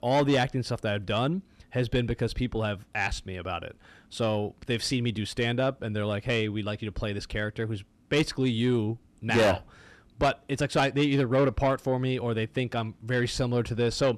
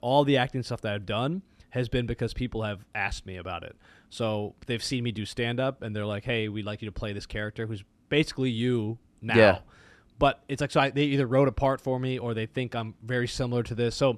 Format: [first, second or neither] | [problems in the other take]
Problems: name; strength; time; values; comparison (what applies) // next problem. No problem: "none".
second | distortion; slight; 10 dB below the speech